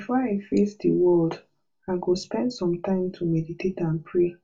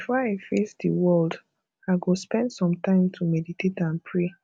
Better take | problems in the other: second | room echo; dies away in 0.1 s

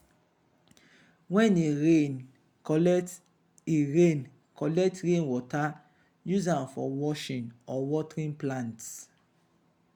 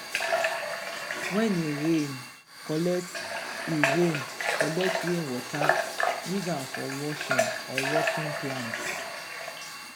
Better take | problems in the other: first | background sound (Water tap, faucet / Water); 1 dB above the speech

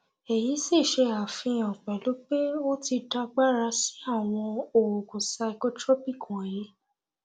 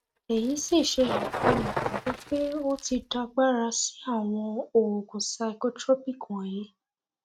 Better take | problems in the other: first | noise reduction (neural mask model RNNoise)

